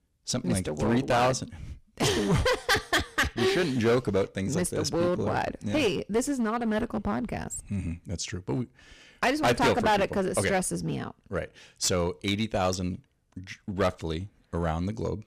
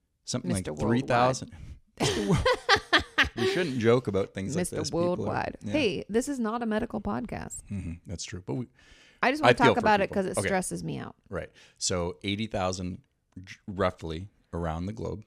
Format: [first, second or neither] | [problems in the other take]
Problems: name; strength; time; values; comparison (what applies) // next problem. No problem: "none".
second | distortion; heavy; 8% of the sound clipped